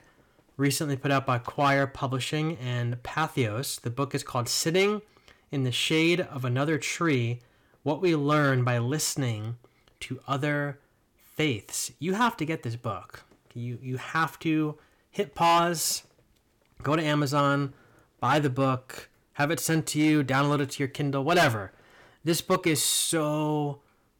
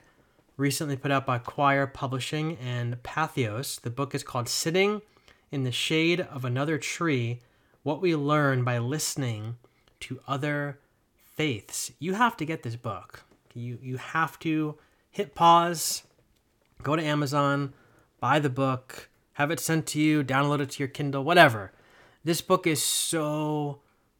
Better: second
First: distortion; slight; 3% of the sound clipped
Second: none

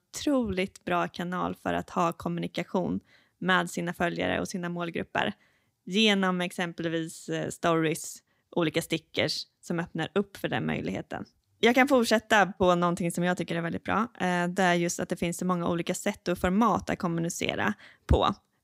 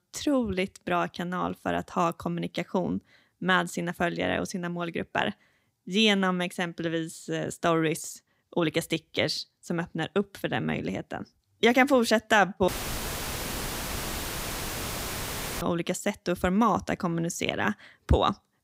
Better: first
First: none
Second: audio cutting out; filled with static; at 13 s for 3 s

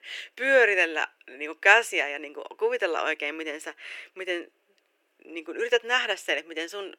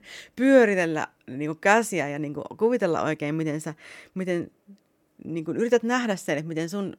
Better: second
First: thin; very; fading below 350 Hz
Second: none

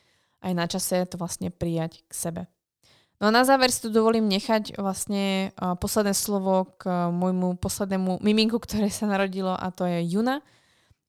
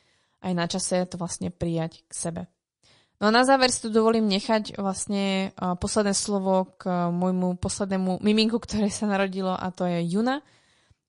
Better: first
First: none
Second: garbled, watery; slightly; nothing above 10.5 kHz

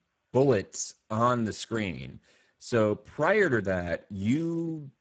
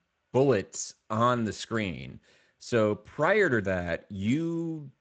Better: second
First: garbled, watery; badly; nothing above 7.5 kHz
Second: garbled, watery; slightly; nothing above 7.5 kHz

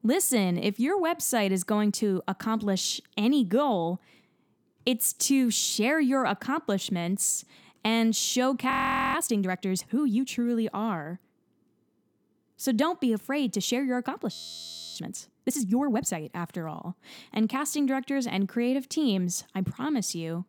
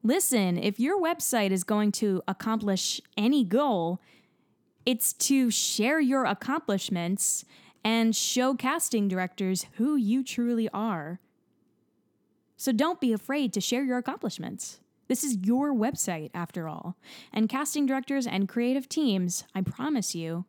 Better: second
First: audio freezing; at 8.5 s and at 14 s for 0.5 s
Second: none

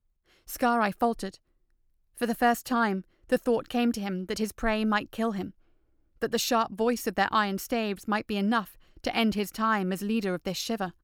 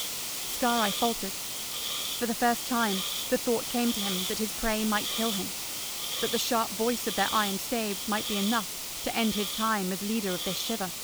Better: first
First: none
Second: hiss; loud; throughout; 1 dB below the speech

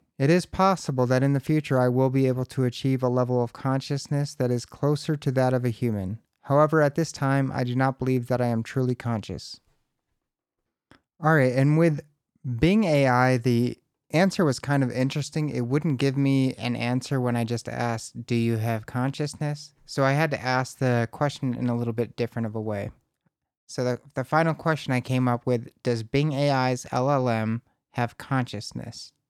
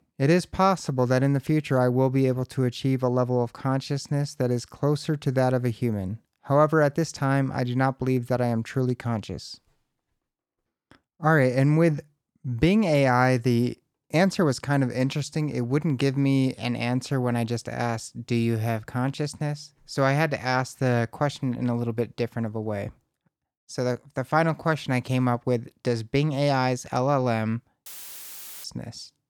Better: first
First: none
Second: audio cutting out; filled with static; at 28 s for 1 s

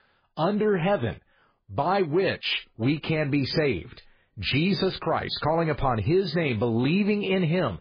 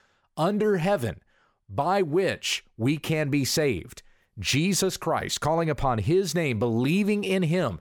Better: second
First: garbled, watery; badly; nothing above 5 kHz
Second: none

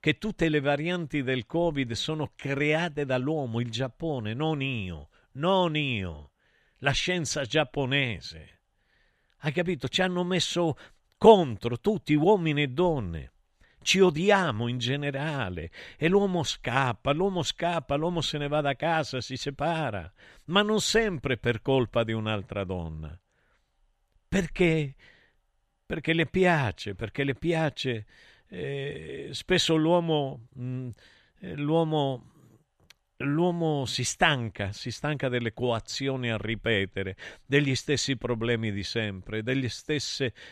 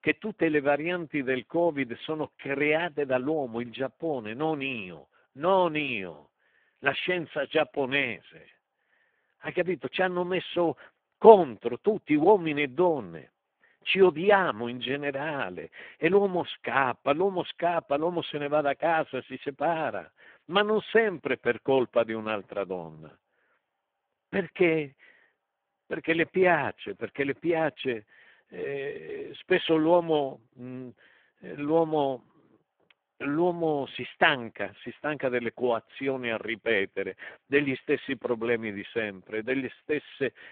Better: first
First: none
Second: phone-call audio; poor line

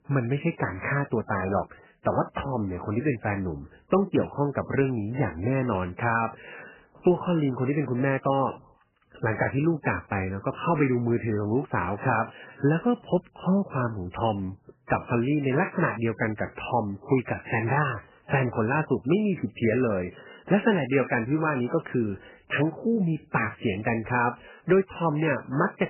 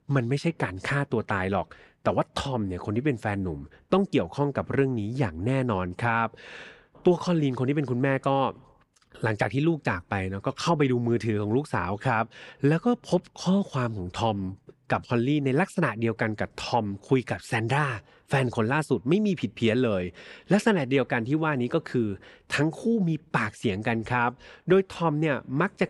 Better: second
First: garbled, watery; badly; nothing above 3 kHz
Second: none

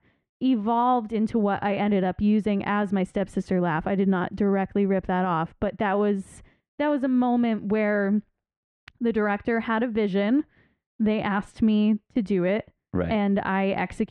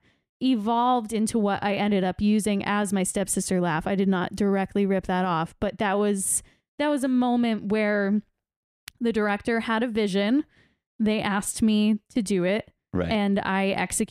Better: second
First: muffled; very; fading above 2 kHz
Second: none

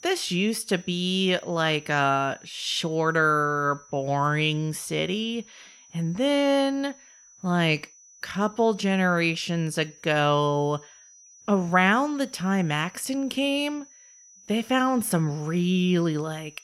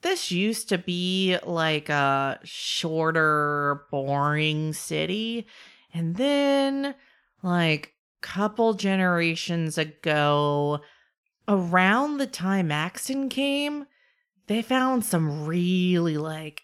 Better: second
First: high-pitched whine; faint; throughout; 6 kHz, 25 dB below the speech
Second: none

